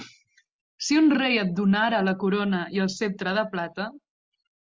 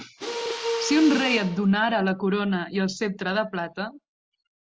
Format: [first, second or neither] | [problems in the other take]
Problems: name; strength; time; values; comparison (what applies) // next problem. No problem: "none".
first | background sound (Mechanisms); 8 dB below the speech